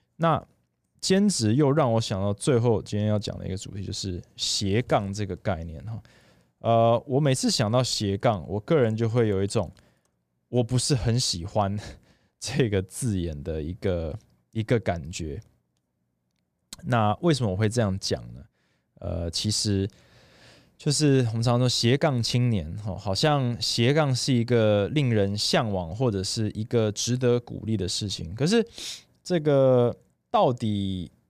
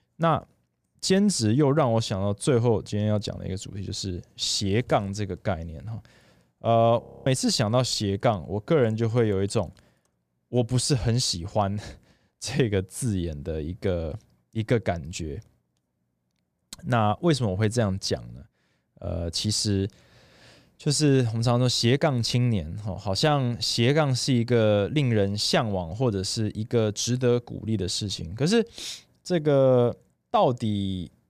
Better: first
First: none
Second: audio freezing; at 7 s

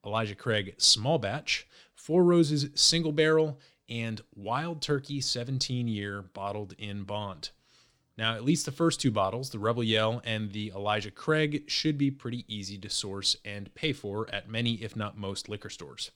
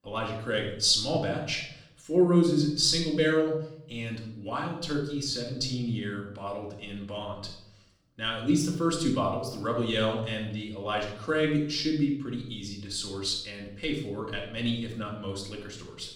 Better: first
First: none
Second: room echo; noticeable; dies away in 0.6 s // off-mic speech; far

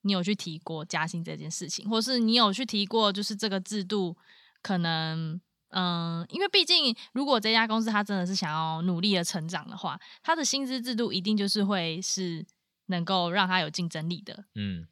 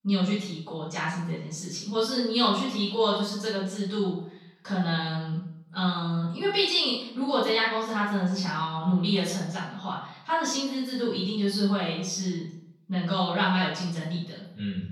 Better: first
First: none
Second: off-mic speech; far // room echo; noticeable; dies away in 0.6 s

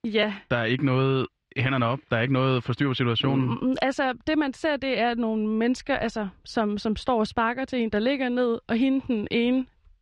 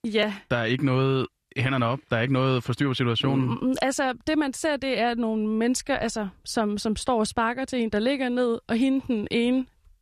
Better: second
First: muffled; very slightly; fading above 3.5 kHz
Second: none

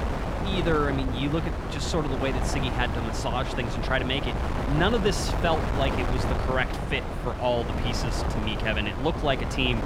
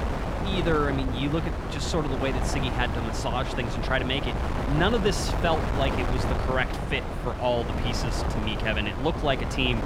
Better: neither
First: wind noise on the microphone; heavy; 4 dB below the speech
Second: wind noise on the microphone; heavy; 4 dB below the speech

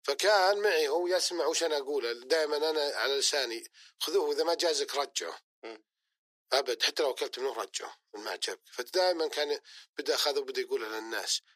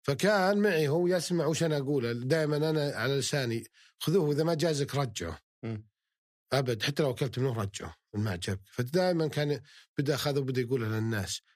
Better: second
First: thin; very; fading below 350 Hz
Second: none

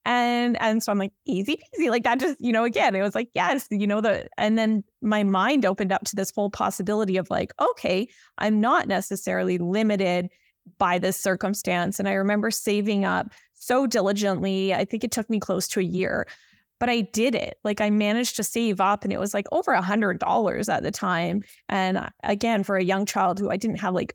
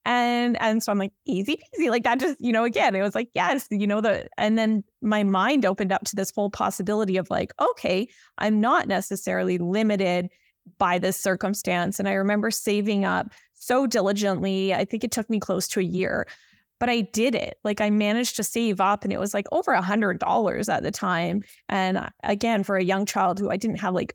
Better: neither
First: none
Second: none

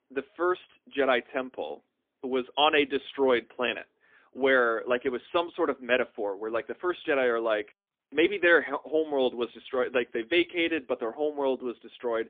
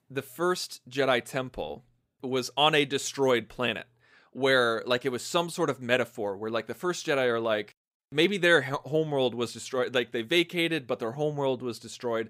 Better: second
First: phone-call audio; poor line; nothing above 3.5 kHz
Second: none

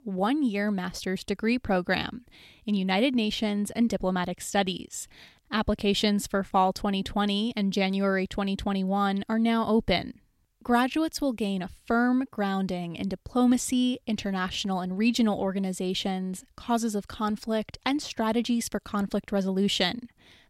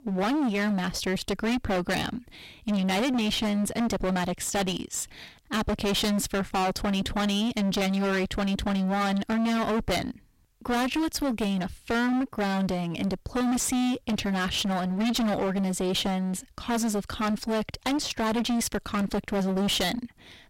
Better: first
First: none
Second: distortion; heavy; 29% of the sound clipped

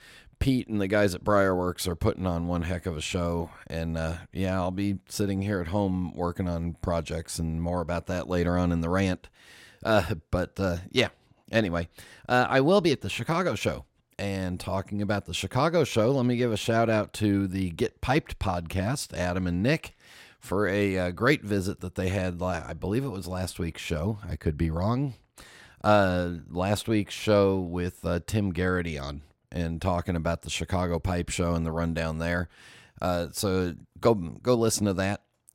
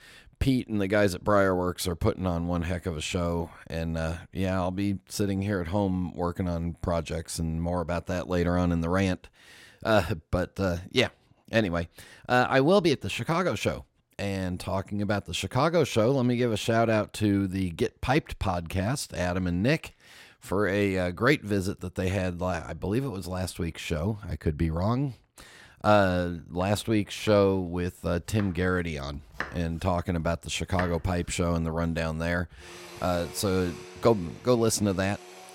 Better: first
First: none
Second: household noises; noticeable; from 27 s on; 15 dB below the speech

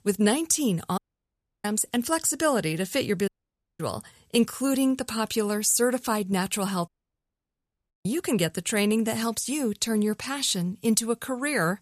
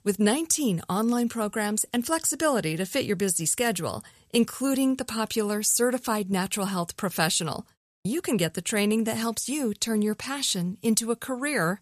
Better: second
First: audio cutting out; at 1 s for 0.5 s, at 3.5 s for 0.5 s and at 7 s for 1 s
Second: none

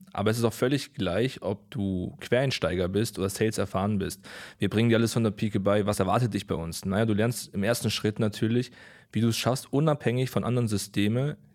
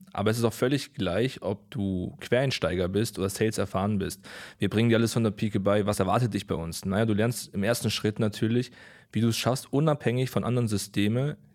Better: neither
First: none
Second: none

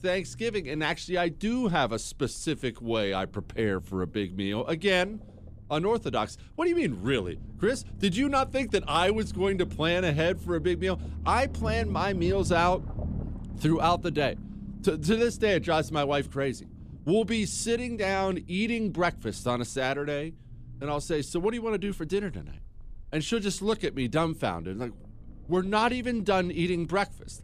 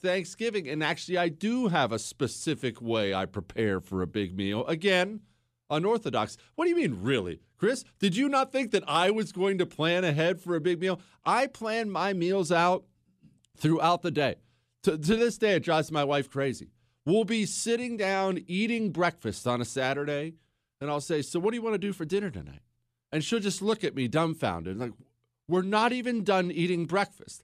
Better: second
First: low rumble; faint; throughout; 20 dB below the speech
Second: none

